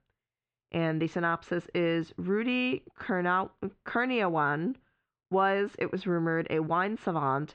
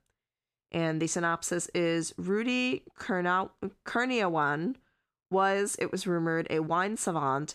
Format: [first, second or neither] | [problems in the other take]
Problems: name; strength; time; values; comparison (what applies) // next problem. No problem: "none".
second | muffled; very; fading above 3.5 kHz